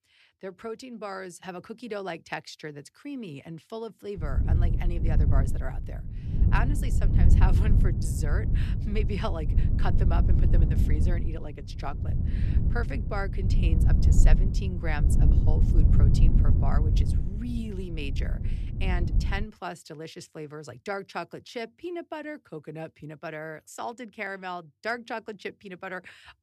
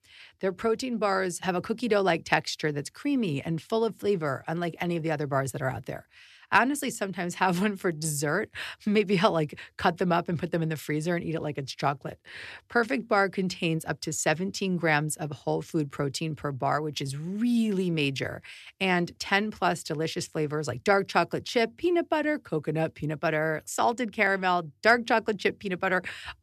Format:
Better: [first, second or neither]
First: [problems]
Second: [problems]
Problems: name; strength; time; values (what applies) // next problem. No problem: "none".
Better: second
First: wind noise on the microphone; heavy; from 4 to 19 s; 4 dB below the speech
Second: none